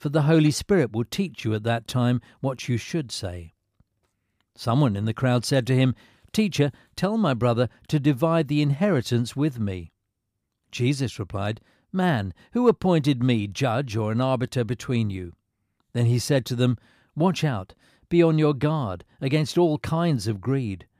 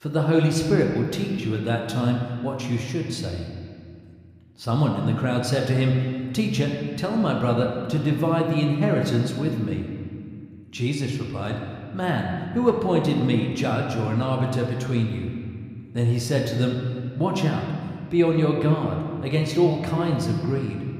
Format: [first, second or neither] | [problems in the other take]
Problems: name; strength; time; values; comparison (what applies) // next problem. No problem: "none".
first | room echo; noticeable; dies away in 1.9 s